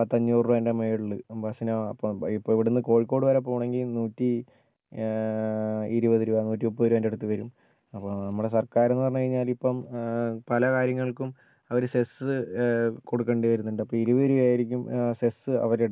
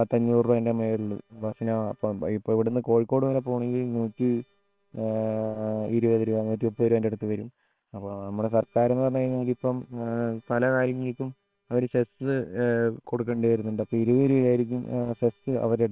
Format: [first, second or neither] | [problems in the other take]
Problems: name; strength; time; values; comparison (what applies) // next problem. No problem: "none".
first | noise reduction (neural separator model SepFormer WHAM!)